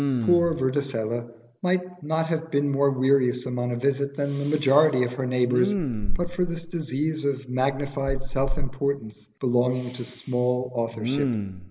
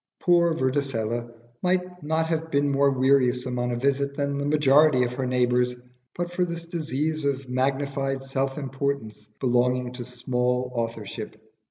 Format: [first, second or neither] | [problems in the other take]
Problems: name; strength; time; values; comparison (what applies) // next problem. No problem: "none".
second | background sound (Respiratory sounds); 5 dB below the speech